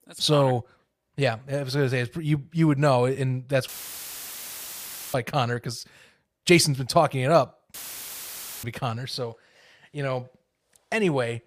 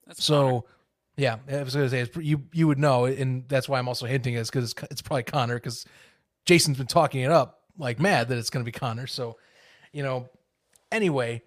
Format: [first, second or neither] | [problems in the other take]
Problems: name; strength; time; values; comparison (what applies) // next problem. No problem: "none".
second | audio cutting out; filled with static; at 3.5 s for 1.5 s and at 7.5 s for 1 s